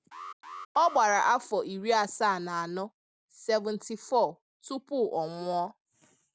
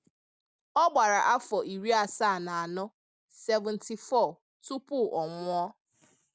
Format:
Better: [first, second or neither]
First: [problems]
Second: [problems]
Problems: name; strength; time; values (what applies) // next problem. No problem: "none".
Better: second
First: background sound (Alarm); 15 dB below the speech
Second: none